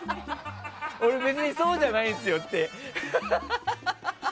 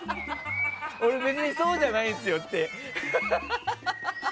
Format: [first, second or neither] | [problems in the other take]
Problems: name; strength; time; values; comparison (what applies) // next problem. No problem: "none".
first | background sound (Bird vocalization, bird call, bird song); 9 dB below the speech